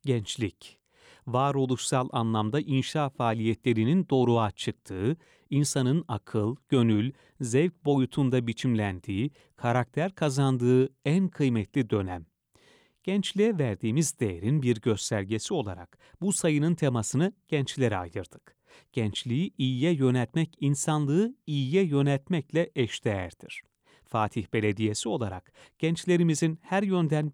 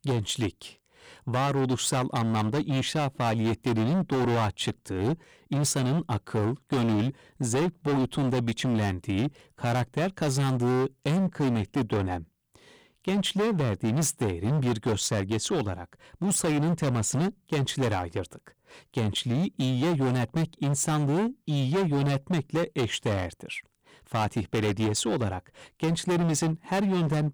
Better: first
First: none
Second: distortion; heavy; 21% of the sound clipped

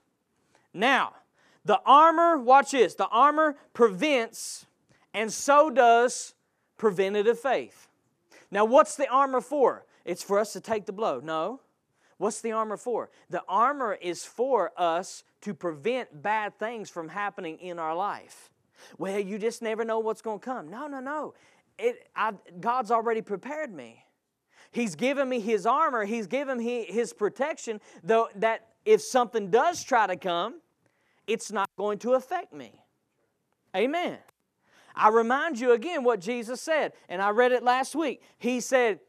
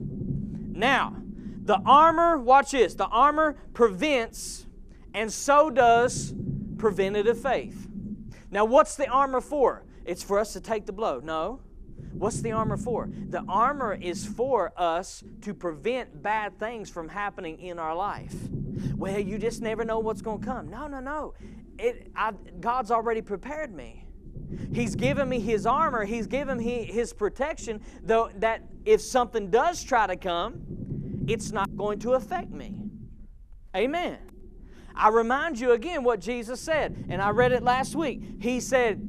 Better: first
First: none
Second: low rumble; faint; throughout; 20 dB below the speech

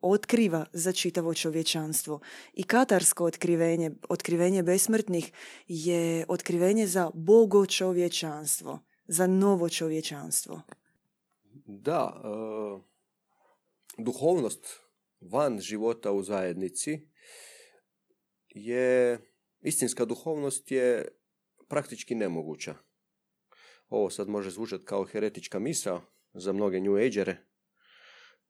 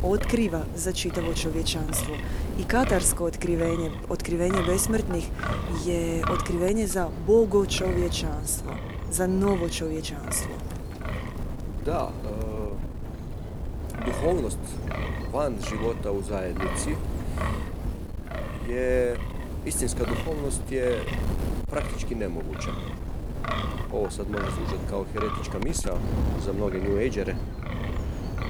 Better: first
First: none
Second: wind noise on the microphone; heavy; 7 dB below the speech

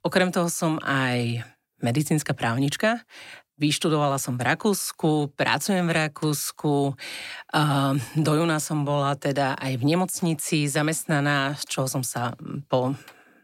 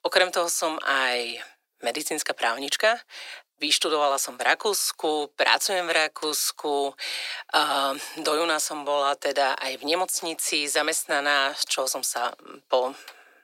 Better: first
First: none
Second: thin; very; fading below 400 Hz

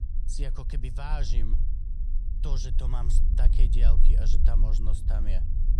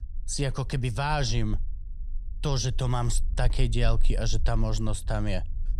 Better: second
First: low rumble; loud; throughout; 7 dB below the speech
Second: low rumble; faint; throughout; 25 dB below the speech

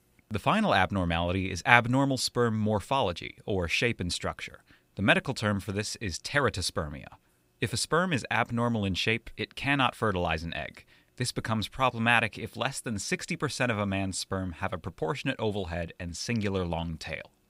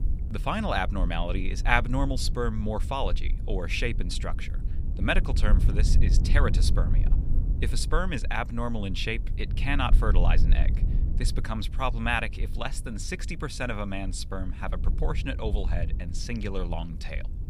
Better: first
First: none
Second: low rumble; noticeable; throughout; 15 dB below the speech

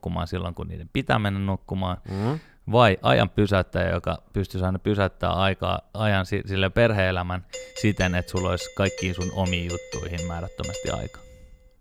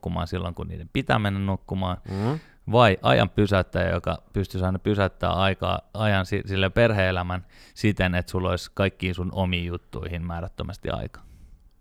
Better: second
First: doorbell; noticeable; from 7.5 to 11 s; peak 9 dB below the speech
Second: none

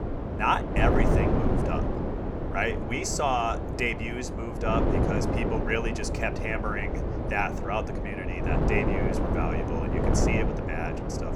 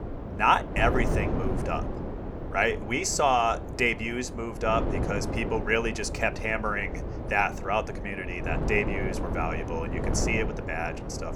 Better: second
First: wind noise on the microphone; heavy; 2 dB below the speech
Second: wind noise on the microphone; occasional gusts; 10 dB below the speech

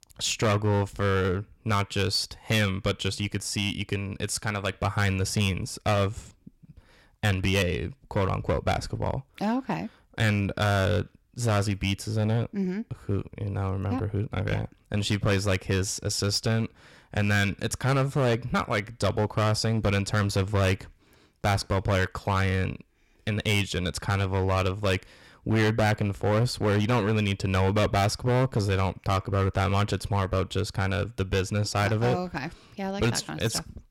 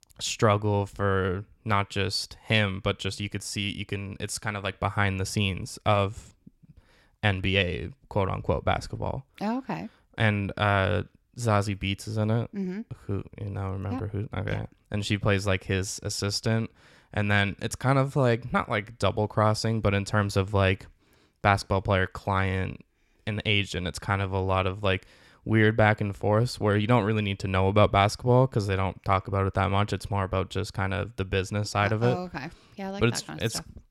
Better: second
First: distortion; heavy; 8% of the sound clipped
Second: none

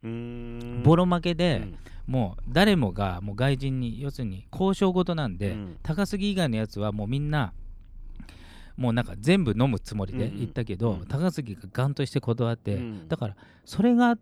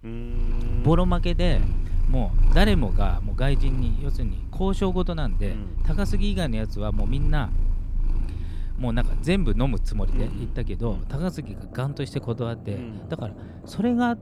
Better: first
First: animal sounds; faint; throughout; 25 dB below the speech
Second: animal sounds; loud; throughout; 2 dB below the speech

